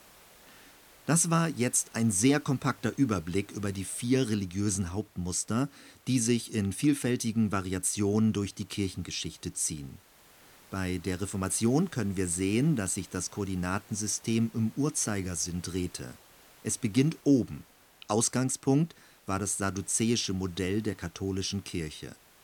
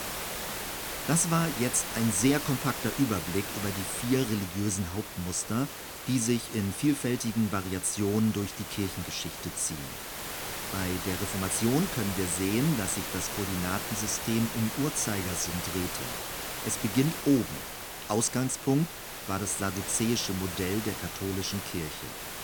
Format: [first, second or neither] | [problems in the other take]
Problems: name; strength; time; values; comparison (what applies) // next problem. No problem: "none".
first | hiss; loud; throughout; 5 dB below the speech; faint in the first